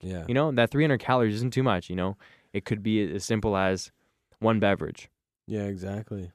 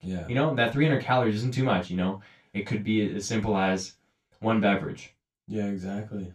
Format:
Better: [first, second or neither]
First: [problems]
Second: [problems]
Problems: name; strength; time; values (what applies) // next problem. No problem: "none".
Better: first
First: none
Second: room echo; slight; dies away in 0.2 s // off-mic speech; far